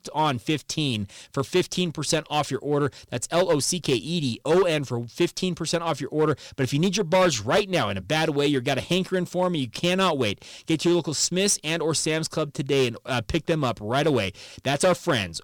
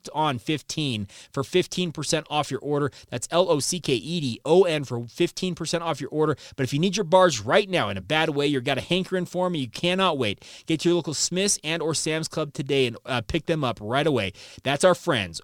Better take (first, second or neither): second